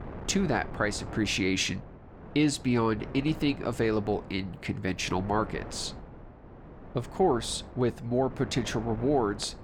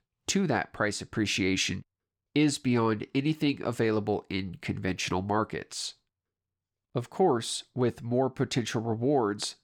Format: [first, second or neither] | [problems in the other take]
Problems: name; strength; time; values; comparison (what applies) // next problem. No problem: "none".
second | wind noise on the microphone; occasional gusts; 15 dB below the speech